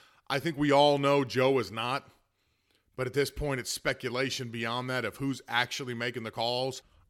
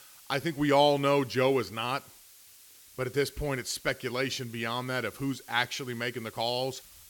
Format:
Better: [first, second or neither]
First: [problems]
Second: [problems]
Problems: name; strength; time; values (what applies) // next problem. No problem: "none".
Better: first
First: none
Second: hiss; faint; throughout; 20 dB below the speech